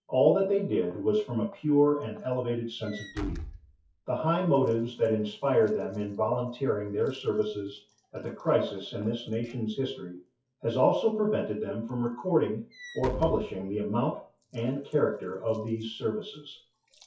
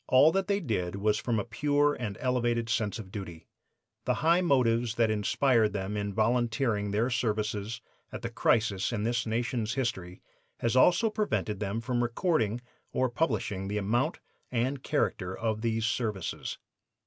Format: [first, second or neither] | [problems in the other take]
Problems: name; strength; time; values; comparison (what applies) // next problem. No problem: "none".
second | noise reduction (classical method WPE with log-MMSE)